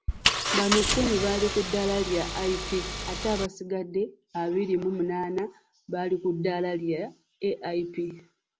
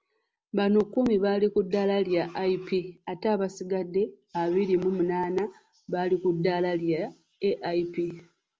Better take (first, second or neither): second